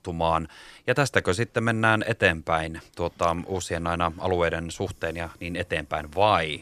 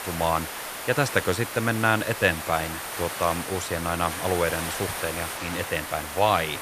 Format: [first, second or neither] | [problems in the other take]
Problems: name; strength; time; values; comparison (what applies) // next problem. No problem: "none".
first | hiss; loud; throughout; 6 dB below the speech